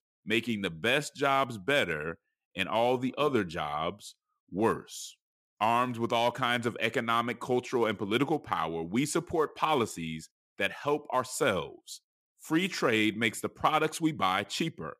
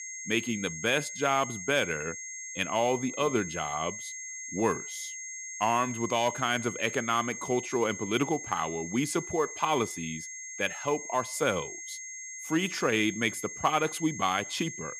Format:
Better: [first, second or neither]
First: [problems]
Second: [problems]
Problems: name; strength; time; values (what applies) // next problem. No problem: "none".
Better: first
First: none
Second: high-pitched whine; loud; throughout; 6.5 kHz, 8 dB below the speech